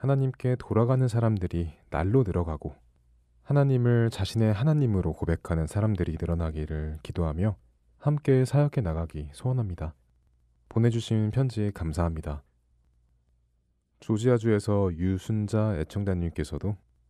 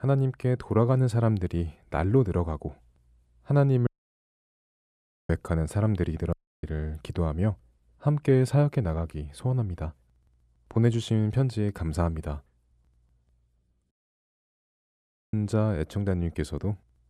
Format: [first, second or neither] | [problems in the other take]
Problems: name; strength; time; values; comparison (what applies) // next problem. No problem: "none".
first | audio cutting out; at 4 s for 1.5 s, at 6.5 s and at 14 s for 1.5 s